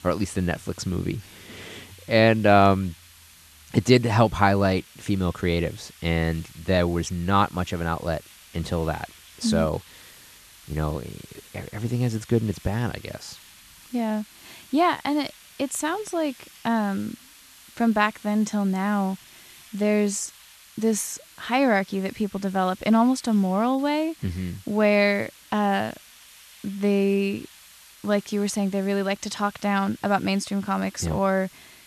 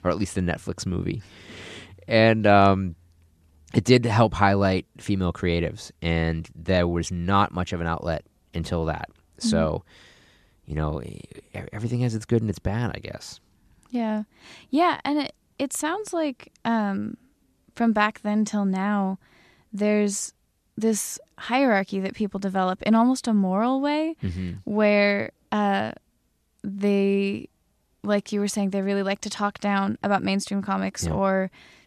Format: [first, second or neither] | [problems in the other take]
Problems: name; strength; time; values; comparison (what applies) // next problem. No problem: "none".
second | hiss; faint; throughout; 25 dB below the speech